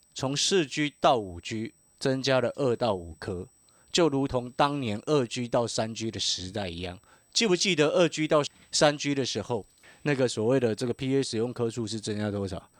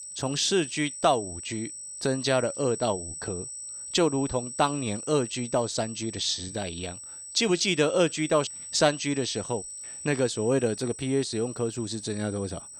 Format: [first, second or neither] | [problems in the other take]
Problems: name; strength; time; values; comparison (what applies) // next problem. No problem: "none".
first | high-pitched whine; loud; throughout; 8 kHz, 10 dB below the speech; faint in the first